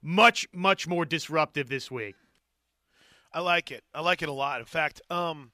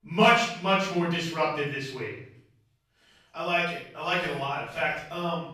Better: first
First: none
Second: off-mic speech; far // room echo; noticeable; dies away in 0.6 s

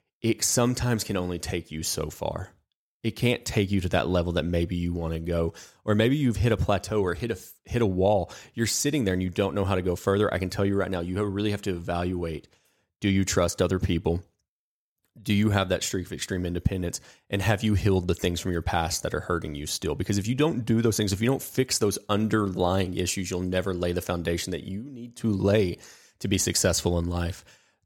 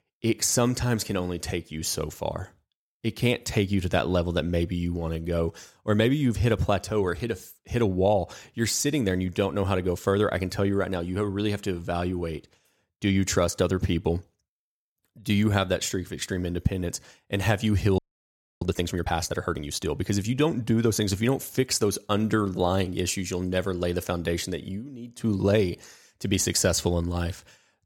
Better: first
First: none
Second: audio freezing; at 18 s for 0.5 s

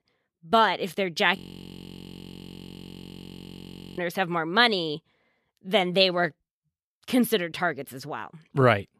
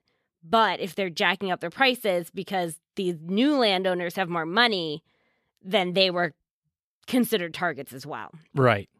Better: second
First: audio freezing; at 1.5 s for 2.5 s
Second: none

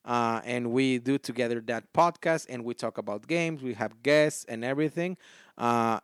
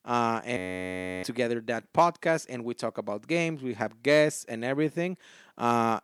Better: first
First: none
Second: audio freezing; at 0.5 s for 0.5 s

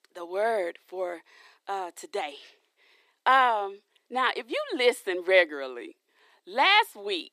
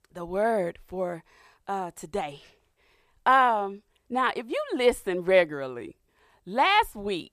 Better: second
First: thin; somewhat; fading below 300 Hz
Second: none

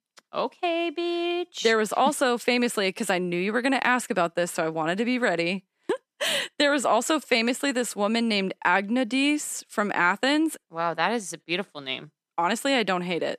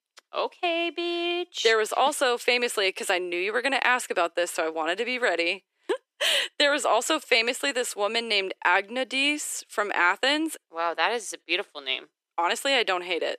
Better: first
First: none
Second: thin; somewhat; fading below 350 Hz

